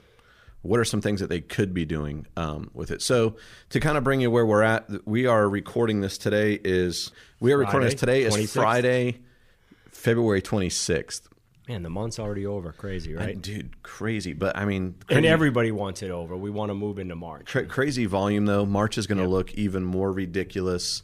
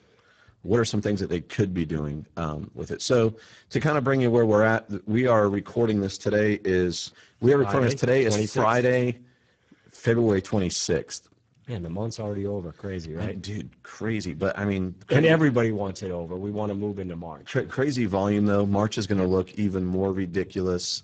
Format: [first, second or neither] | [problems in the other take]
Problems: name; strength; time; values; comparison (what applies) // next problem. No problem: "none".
first | garbled, watery; badly; nothing above 7.5 kHz